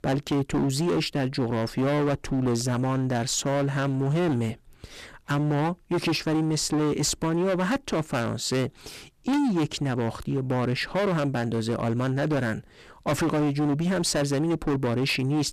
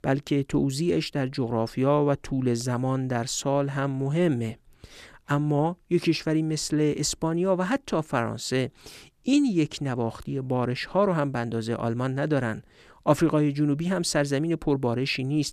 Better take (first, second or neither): second